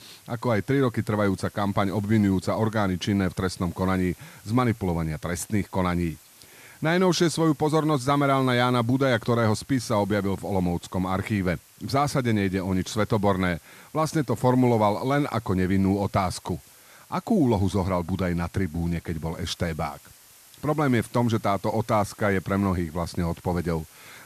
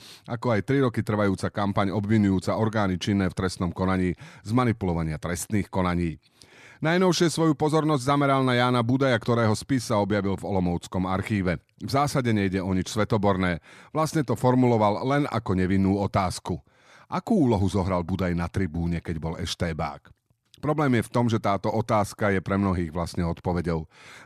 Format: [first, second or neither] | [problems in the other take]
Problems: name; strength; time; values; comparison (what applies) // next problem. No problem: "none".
second | hiss; faint; throughout; 25 dB below the speech